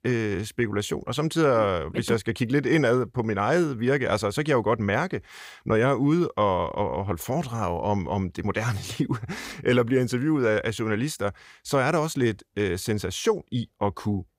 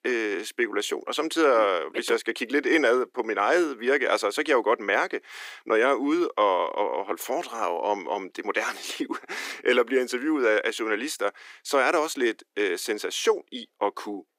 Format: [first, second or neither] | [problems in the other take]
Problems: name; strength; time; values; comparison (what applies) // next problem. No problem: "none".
first | thin; somewhat; fading below 300 Hz